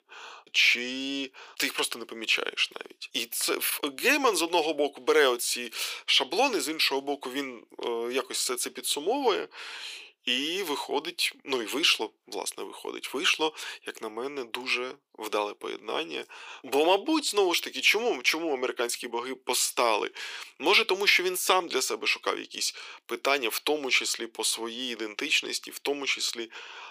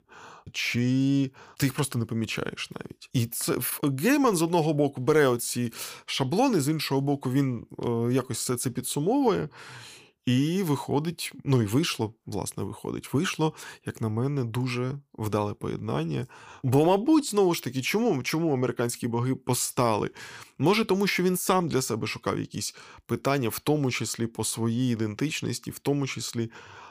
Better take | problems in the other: second | thin; somewhat; fading below 350 Hz

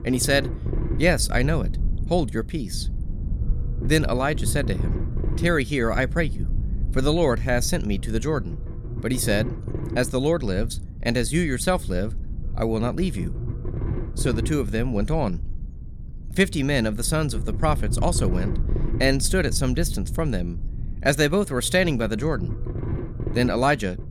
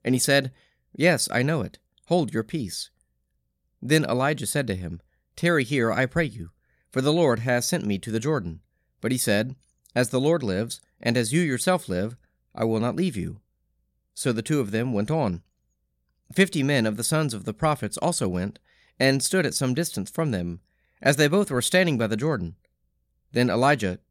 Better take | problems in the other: second | low rumble; noticeable; throughout; 15 dB below the speech

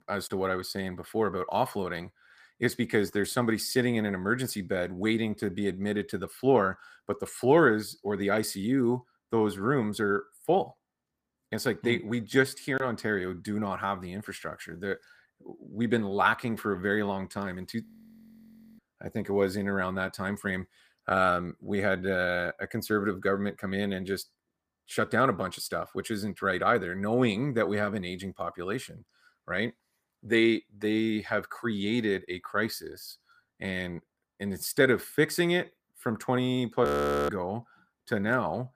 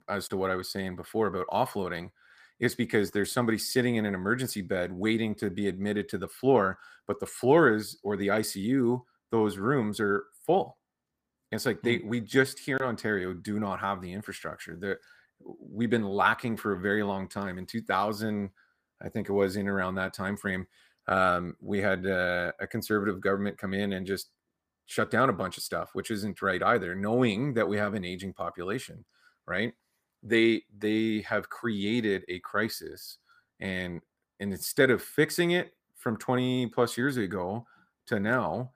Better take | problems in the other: second | audio freezing; at 18 s for 1 s and at 37 s

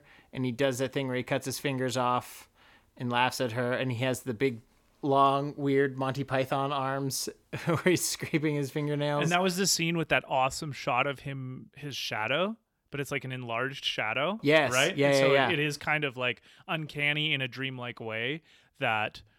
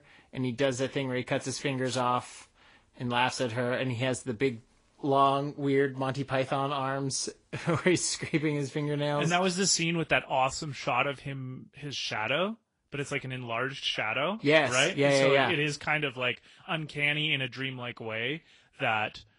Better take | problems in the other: first | garbled, watery; slightly; nothing above 10.5 kHz

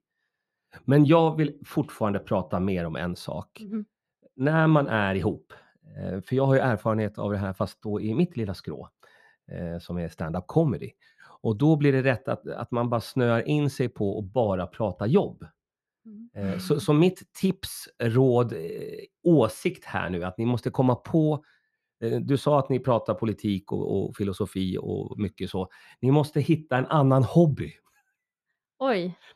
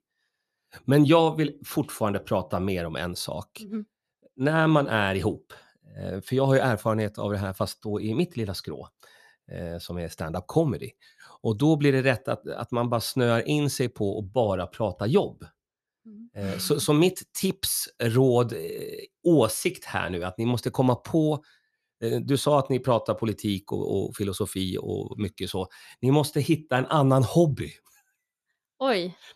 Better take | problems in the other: second | muffled; slightly; fading above 3.5 kHz

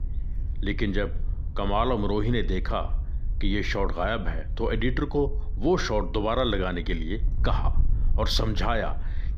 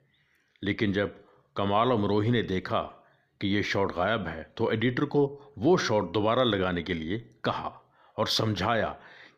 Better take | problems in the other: second | wind noise on the microphone; occasional gusts; 20 dB below the speech

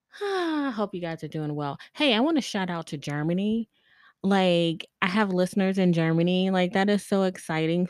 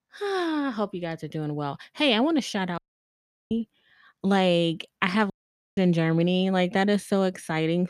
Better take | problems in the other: first | audio cutting out; at 3 s for 0.5 s and at 5.5 s

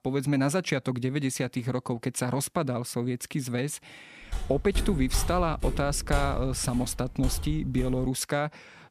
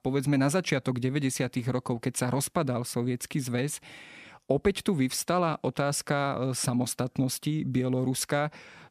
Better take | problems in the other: second | footsteps; noticeable; from 4.5 to 8 s; peak 4 dB below the speech

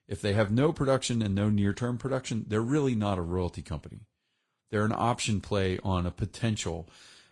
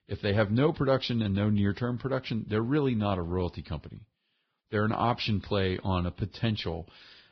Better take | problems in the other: first | garbled, watery; badly; nothing above 5 kHz; slightly in the first

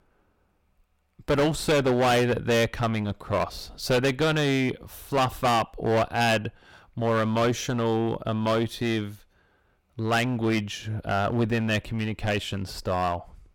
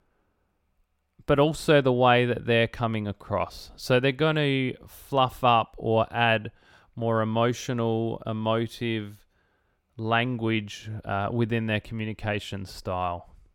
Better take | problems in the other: second | distortion; heavy; 11% of the sound clipped

